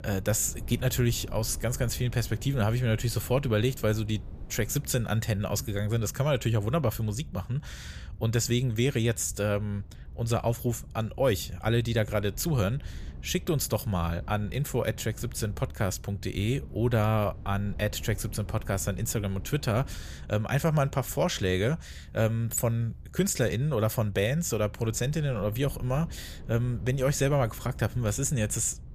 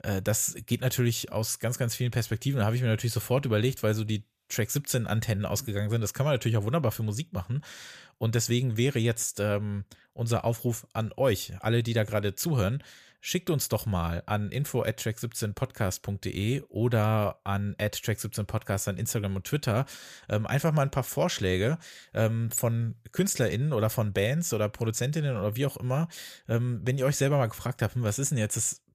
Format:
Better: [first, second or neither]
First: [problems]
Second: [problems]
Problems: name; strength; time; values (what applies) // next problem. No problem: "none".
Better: second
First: low rumble; faint; throughout; 25 dB below the speech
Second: none